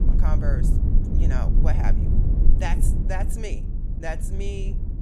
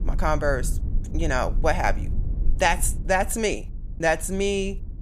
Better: second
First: low rumble; loud; throughout; 4 dB below the speech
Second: low rumble; faint; throughout; 25 dB below the speech

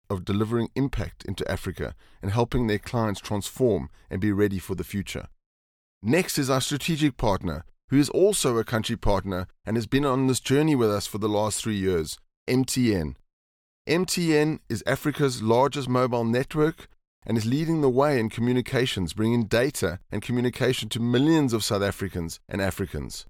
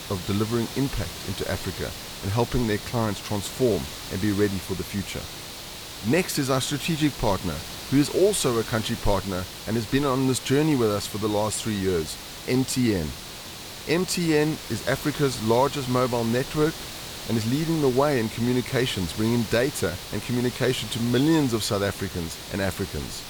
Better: first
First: none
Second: hiss; loud; throughout; 10 dB below the speech

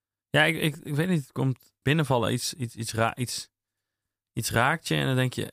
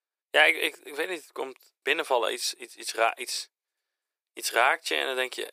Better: first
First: none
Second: thin; very; fading below 400 Hz

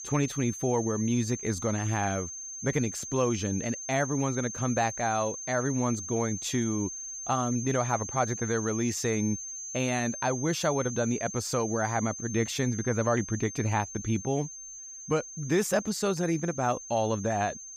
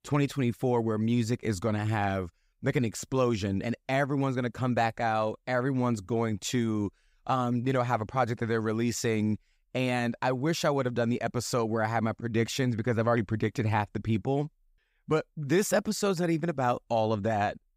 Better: second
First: high-pitched whine; loud; throughout; 6.5 kHz, 7 dB below the speech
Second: none

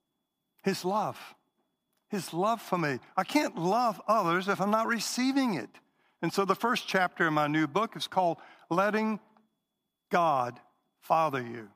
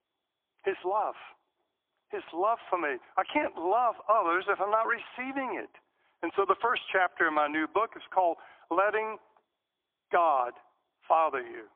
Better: first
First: none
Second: phone-call audio; poor line; nothing above 3.5 kHz

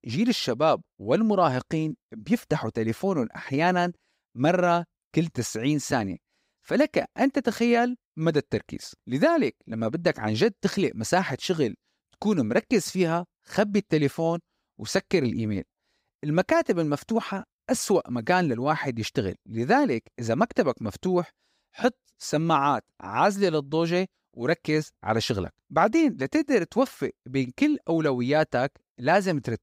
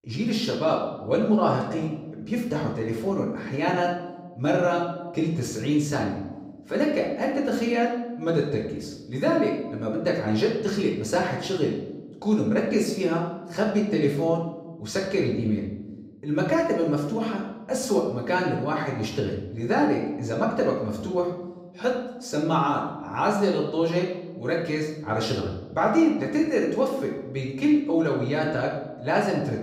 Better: first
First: none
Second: off-mic speech; far // room echo; noticeable; dies away in 0.8 s

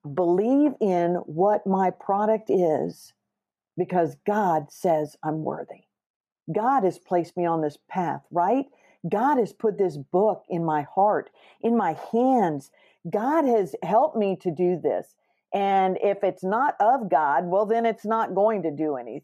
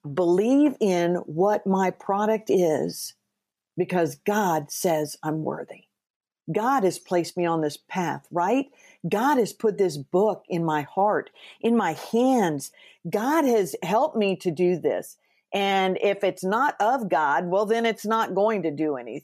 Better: second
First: muffled; very; fading above 2.5 kHz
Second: none

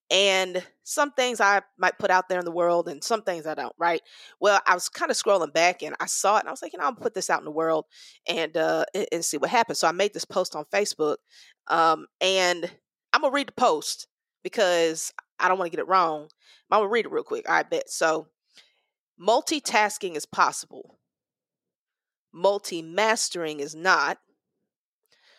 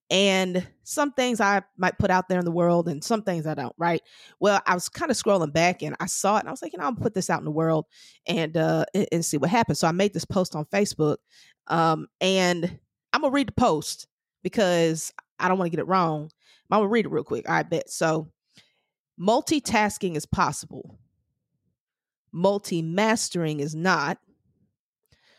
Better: second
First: thin; somewhat; fading below 450 Hz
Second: none

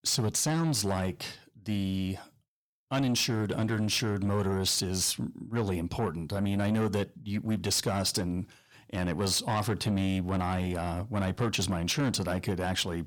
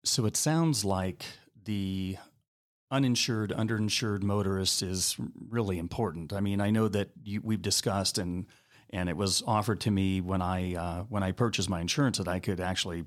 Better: second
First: distortion; slight; 10 dB below the speech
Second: none

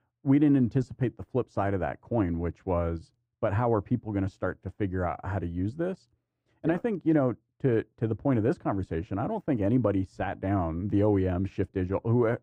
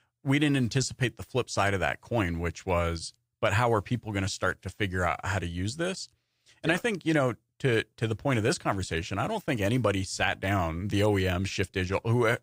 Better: second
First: muffled; very; fading above 2 kHz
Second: none

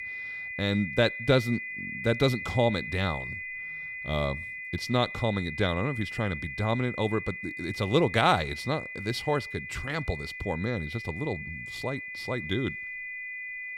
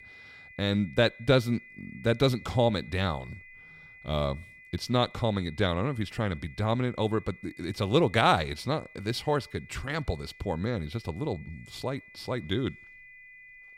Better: second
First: high-pitched whine; loud; throughout; 2 kHz, 7 dB below the speech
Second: high-pitched whine; faint; throughout; 2 kHz, 20 dB below the speech

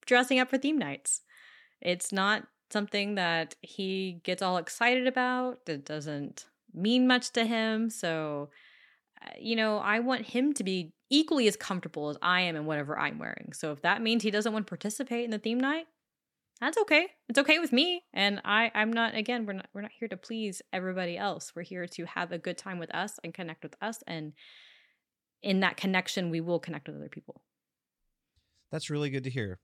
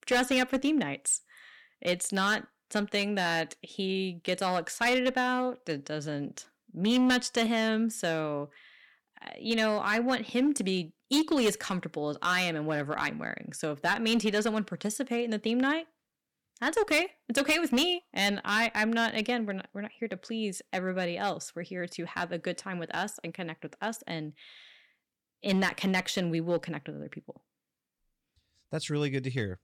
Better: first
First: none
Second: distortion; slight; 3% of the sound clipped

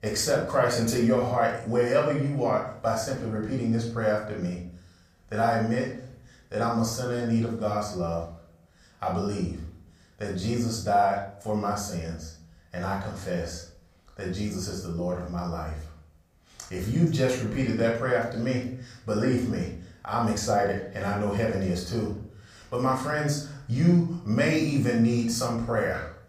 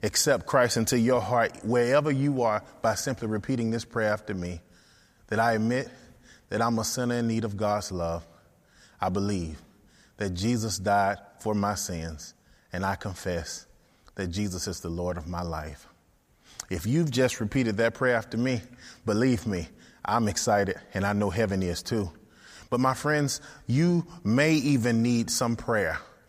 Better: second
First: off-mic speech; far // room echo; noticeable; dies away in 0.5 s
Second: none

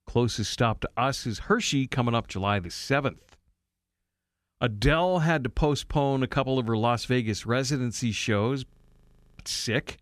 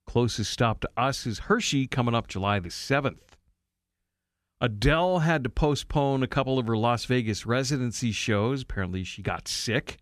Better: second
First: audio freezing; at 8.5 s for 0.5 s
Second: none

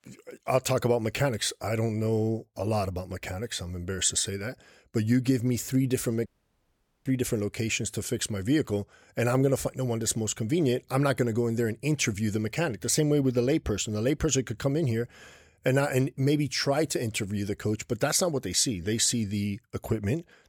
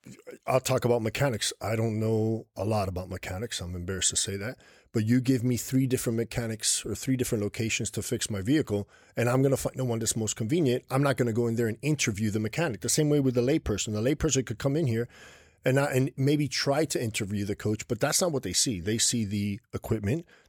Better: second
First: audio cutting out; at 6.5 s for 1 s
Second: none

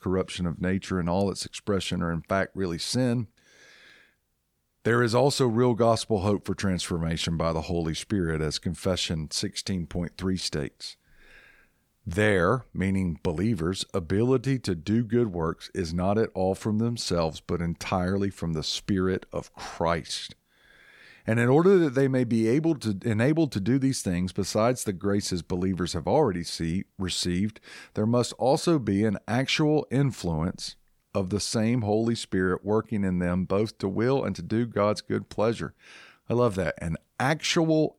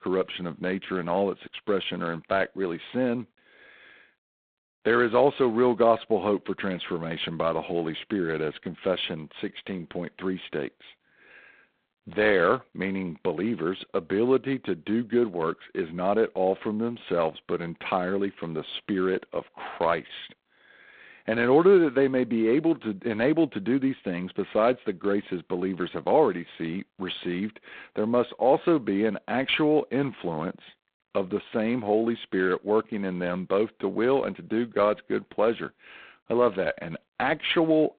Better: first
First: none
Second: phone-call audio; poor line; nothing above 3.5 kHz

